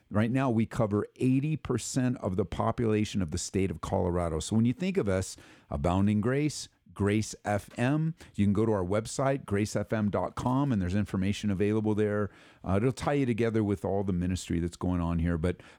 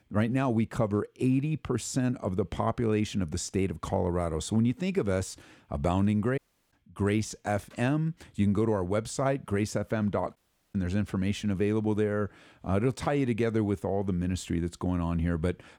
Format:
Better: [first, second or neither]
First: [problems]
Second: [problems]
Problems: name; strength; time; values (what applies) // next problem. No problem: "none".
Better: first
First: none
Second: audio cutting out; at 6.5 s and at 10 s